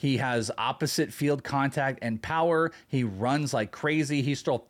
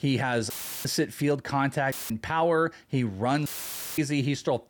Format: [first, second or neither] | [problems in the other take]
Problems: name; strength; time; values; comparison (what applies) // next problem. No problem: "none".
first | audio cutting out; filled with static; at 0.5 s, at 2 s and at 3.5 s for 0.5 s